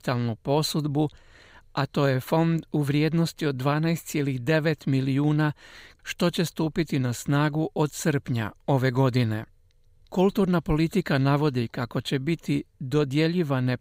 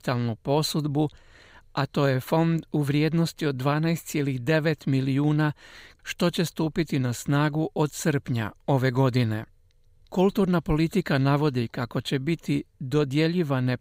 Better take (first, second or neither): neither